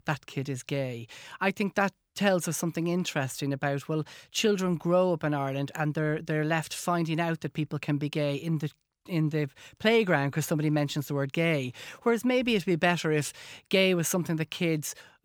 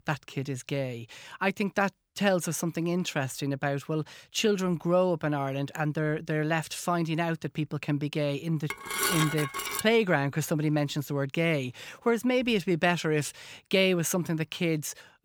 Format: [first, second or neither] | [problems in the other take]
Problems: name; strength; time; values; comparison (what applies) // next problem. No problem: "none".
first | clattering dishes; loud; from 8.5 to 10 s; peak 2 dB above the speech